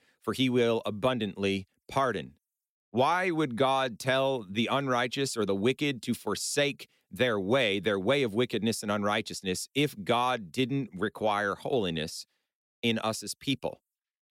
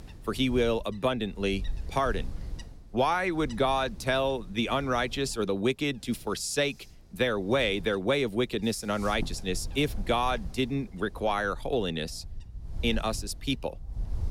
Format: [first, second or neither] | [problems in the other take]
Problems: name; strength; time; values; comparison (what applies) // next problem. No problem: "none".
first | wind noise on the microphone; occasional gusts; 25 dB below the speech